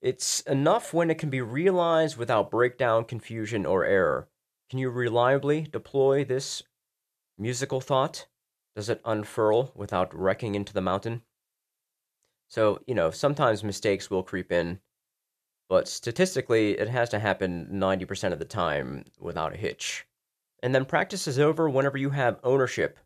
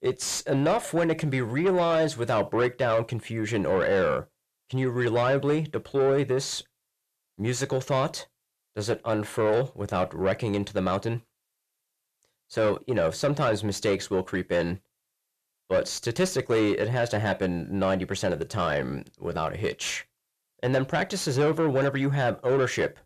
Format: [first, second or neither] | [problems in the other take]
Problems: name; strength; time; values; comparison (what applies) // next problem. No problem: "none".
first | distortion; slight; 10 dB below the speech